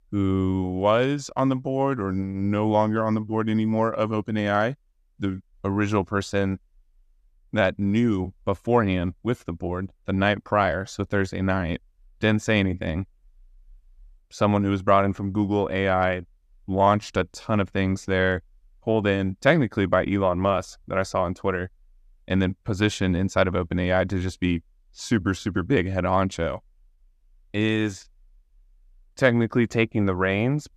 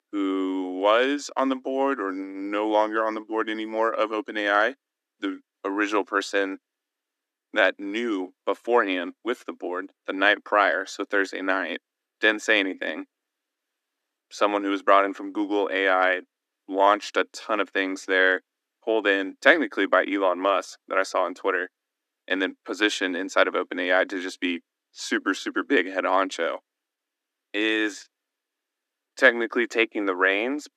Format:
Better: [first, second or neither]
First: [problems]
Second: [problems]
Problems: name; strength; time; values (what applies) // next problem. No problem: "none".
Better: first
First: none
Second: thin; somewhat; fading below 250 Hz